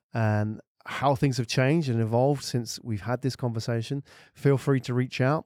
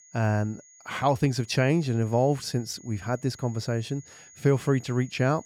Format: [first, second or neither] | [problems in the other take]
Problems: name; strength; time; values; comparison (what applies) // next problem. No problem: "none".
first | high-pitched whine; faint; throughout; 6.5 kHz, 25 dB below the speech